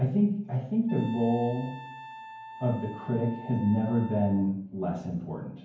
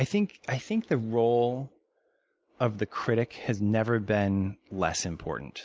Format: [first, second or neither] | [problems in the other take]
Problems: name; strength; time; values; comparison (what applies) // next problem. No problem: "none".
second | background sound (Wind instrument, woodwind instrument); 17 dB below the speech // room echo; dies away in 0.9 s